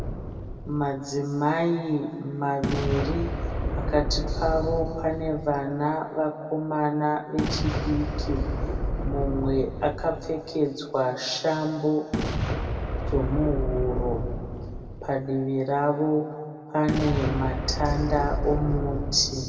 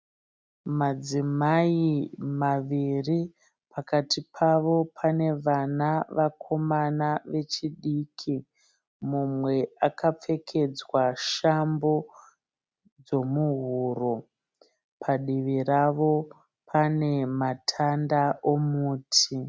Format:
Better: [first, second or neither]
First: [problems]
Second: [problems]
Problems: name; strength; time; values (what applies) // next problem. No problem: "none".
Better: second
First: background sound (Boom); 3 dB below the speech // room echo; dies away in 1.9 s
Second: none